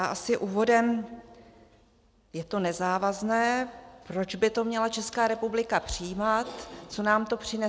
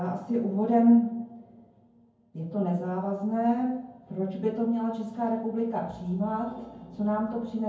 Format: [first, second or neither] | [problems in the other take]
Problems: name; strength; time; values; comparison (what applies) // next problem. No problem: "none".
first | room echo; dies away in 0.9 s